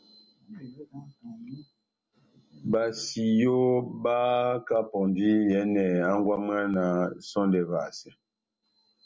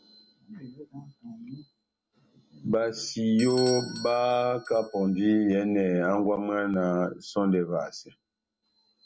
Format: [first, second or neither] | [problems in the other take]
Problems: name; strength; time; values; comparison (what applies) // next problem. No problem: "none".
first | background sound (Bell / Doorbell); 19 dB below the speech